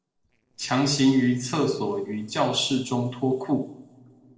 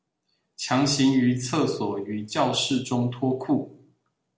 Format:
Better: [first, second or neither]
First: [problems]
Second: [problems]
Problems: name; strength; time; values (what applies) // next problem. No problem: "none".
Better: second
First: noise reduction (neural separator model SepFormer DNS4)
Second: none